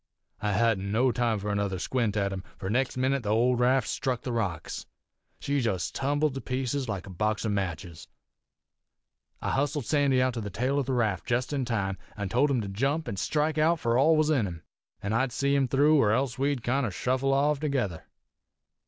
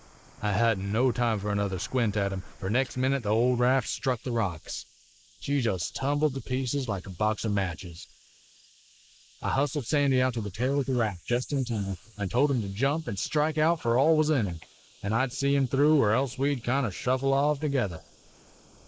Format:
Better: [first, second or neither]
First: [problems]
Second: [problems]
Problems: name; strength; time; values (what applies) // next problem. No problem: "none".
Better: first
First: none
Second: noise reduction (neural mask model Resemble Enhance denoiser)